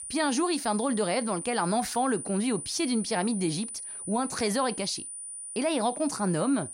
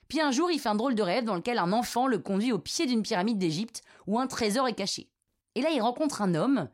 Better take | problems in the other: second | high-pitched whine; loud; throughout; 9.5 kHz, 8 dB below the speech

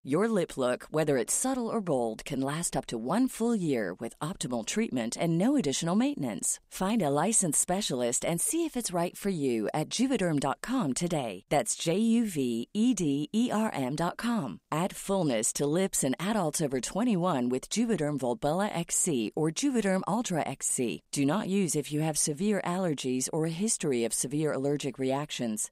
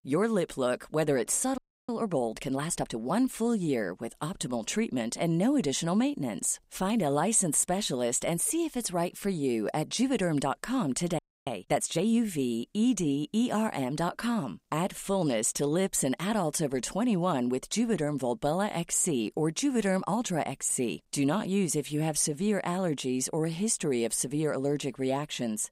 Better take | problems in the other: first | audio freezing; at 1.5 s and at 11 s

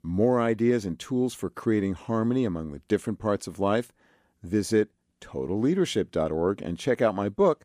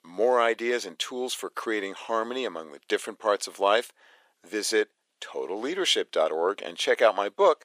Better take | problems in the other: first | thin; very; fading below 500 Hz

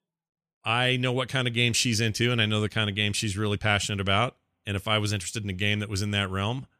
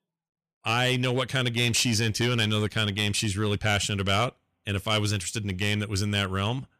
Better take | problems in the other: first | distortion; slight; 4% of the sound clipped

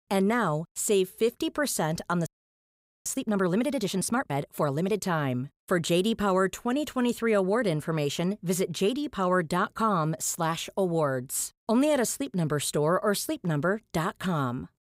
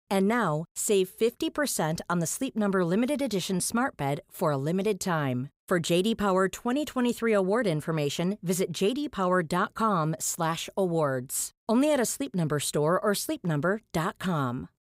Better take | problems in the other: second | audio freezing; at 2.5 s for 1 s

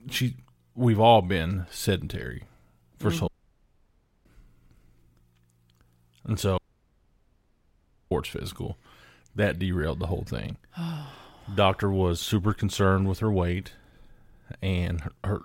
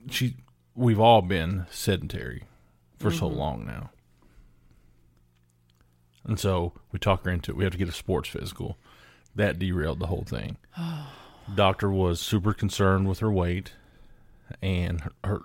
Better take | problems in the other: second | audio cutting out; at 3.5 s for 1 s and at 6.5 s for 1.5 s

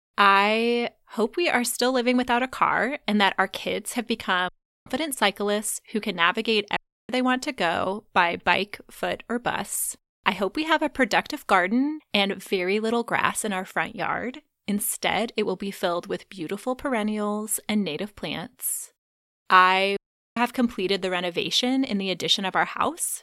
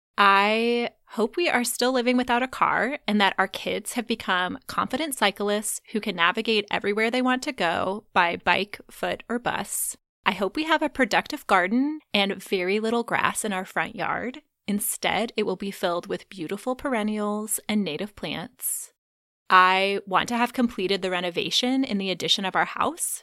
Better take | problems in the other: second | audio cutting out; at 4.5 s, at 7 s and at 20 s

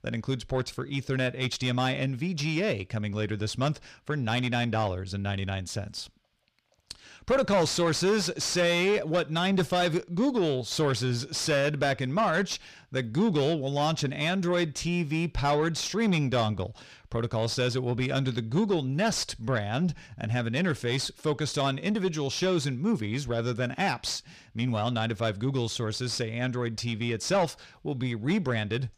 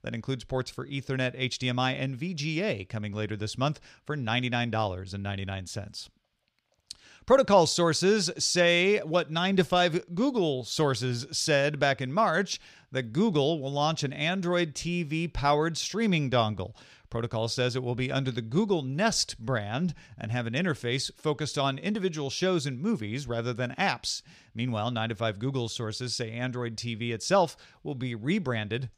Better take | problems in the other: second | distortion; slight; 10 dB below the speech

